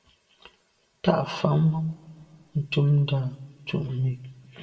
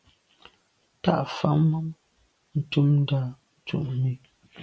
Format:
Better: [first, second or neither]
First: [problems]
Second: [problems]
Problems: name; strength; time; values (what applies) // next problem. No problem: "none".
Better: second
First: room echo; dies away in 0.9 s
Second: none